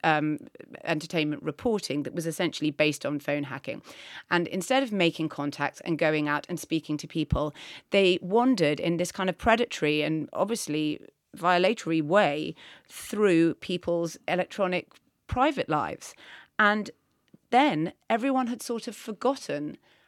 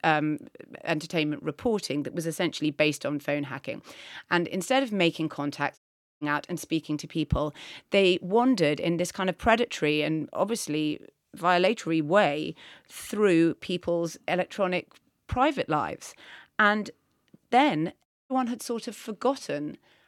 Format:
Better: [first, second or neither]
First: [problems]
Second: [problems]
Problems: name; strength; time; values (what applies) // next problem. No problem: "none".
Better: first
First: none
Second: audio cutting out; at 6 s and at 18 s